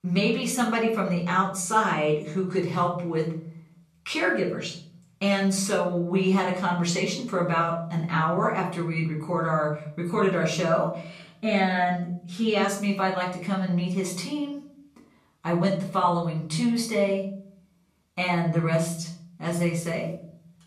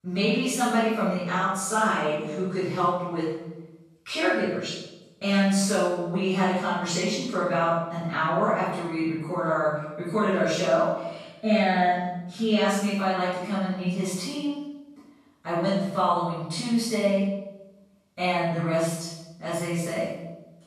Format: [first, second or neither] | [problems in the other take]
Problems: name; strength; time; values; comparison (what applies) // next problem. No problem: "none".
first | room echo; strong; dies away in 0.8 s; slight in the first // off-mic speech; far; far in the first